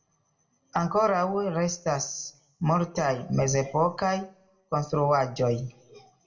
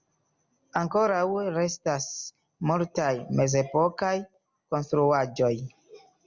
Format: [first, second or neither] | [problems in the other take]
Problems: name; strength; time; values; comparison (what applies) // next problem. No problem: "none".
second | room echo; dies away in 0.4 s